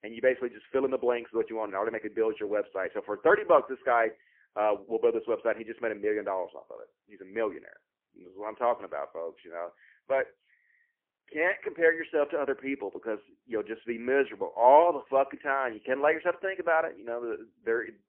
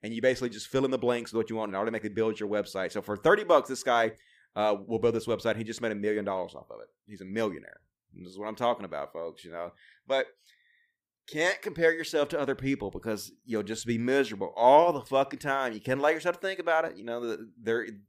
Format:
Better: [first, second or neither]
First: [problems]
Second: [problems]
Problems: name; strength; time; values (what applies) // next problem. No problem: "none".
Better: second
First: phone-call audio; poor line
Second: none